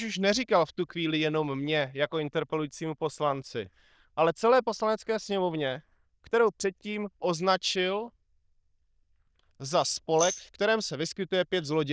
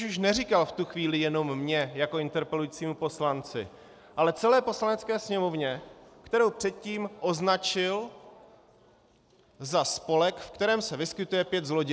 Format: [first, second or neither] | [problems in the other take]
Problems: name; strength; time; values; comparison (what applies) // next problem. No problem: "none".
second | noise reduction (neural diffusion model UNIVERSE++)